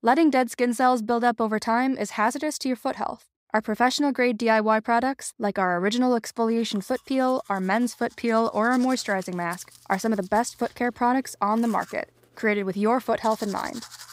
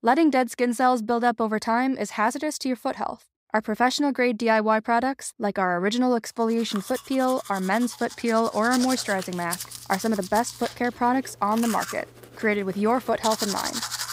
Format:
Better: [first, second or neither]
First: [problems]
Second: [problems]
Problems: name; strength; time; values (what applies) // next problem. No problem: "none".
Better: first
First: household noises; faint; from 6.5 s on; 20 dB below the speech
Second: household noises; loud; from 6.5 s on; 9 dB below the speech